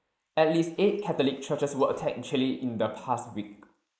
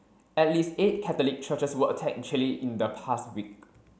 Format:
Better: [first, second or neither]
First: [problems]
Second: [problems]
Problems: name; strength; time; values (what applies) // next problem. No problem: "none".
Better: second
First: noise reduction (neural mask model Resemble Enhance denoiser)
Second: none